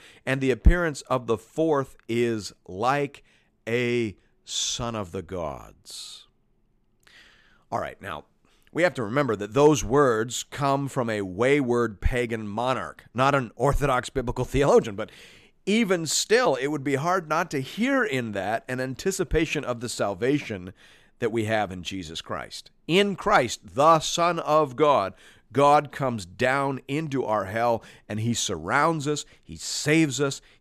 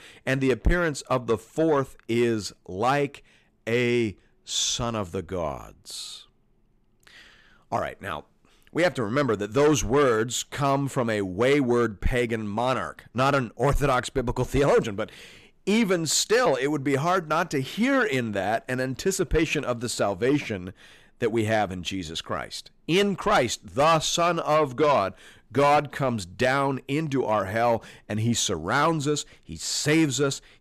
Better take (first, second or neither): first